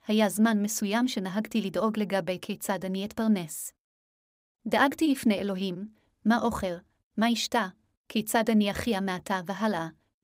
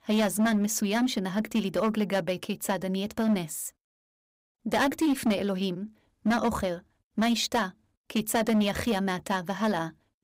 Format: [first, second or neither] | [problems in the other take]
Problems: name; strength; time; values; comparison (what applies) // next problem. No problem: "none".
first | distortion; slight; 7% of the sound clipped